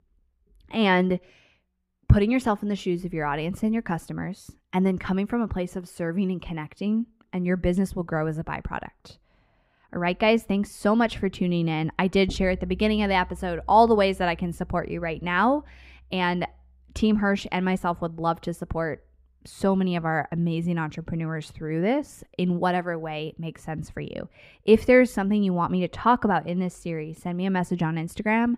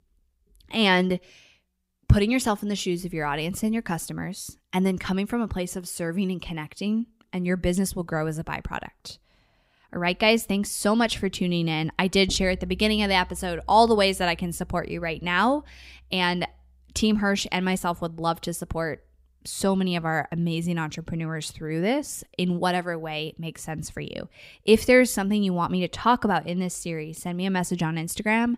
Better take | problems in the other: second | muffled; slightly; fading above 3 kHz

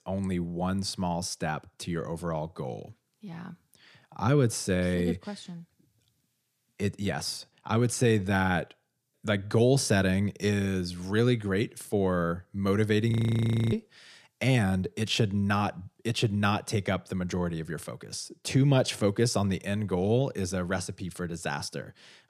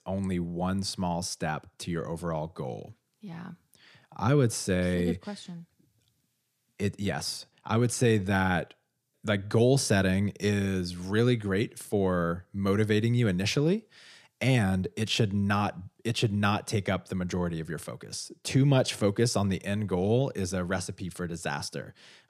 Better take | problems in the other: second | audio freezing; at 13 s for 0.5 s

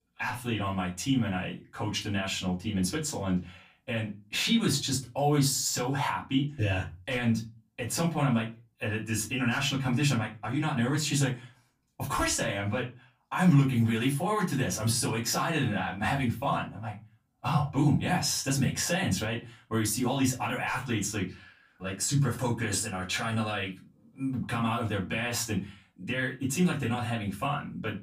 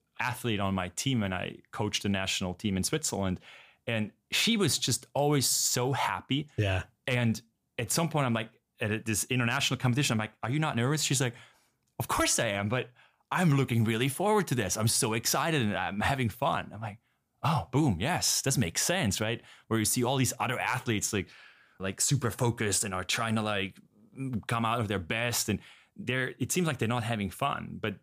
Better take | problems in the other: second | off-mic speech; far // room echo; very slight; dies away in 0.3 s

